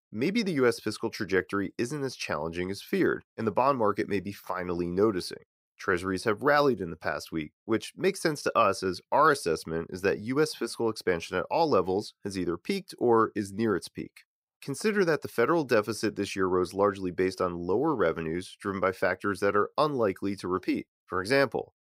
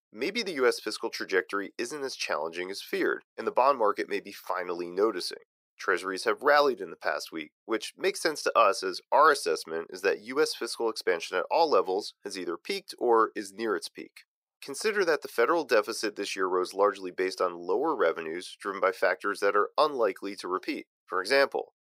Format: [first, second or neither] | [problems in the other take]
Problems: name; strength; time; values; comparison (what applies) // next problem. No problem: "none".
first | thin; somewhat; fading below 500 Hz